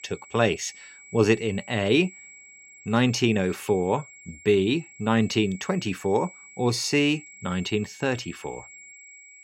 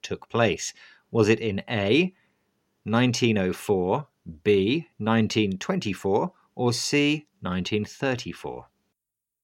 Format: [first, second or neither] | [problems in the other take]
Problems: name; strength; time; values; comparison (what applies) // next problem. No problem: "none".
second | high-pitched whine; noticeable; throughout; 2 kHz, 20 dB below the speech